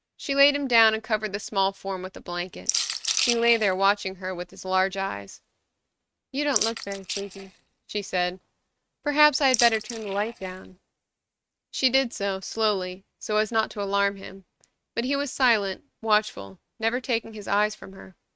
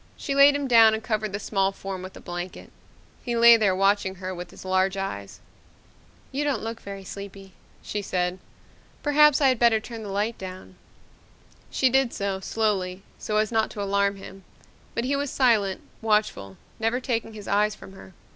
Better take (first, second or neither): second